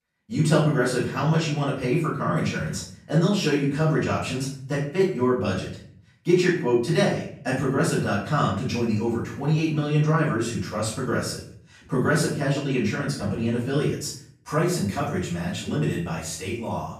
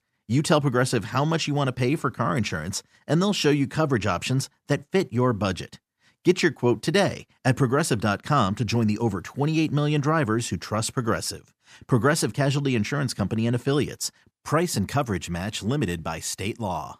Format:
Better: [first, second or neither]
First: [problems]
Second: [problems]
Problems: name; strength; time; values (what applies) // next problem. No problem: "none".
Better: second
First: off-mic speech; far // room echo; noticeable; dies away in 0.5 s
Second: none